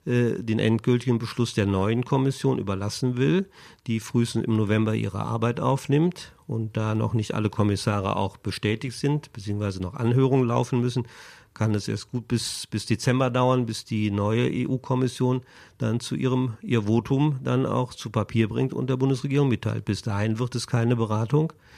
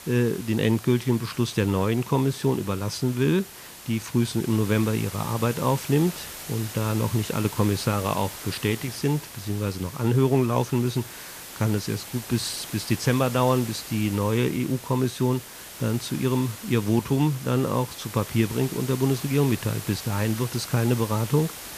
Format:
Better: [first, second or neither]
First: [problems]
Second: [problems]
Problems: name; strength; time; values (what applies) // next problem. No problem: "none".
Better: first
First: none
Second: hiss; noticeable; throughout; 10 dB below the speech